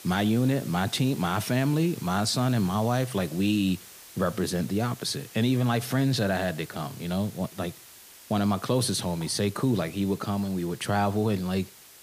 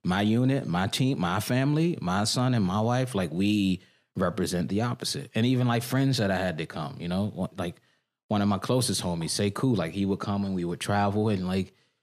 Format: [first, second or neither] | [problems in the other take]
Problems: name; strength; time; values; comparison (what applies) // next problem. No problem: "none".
second | hiss; noticeable; throughout; 20 dB below the speech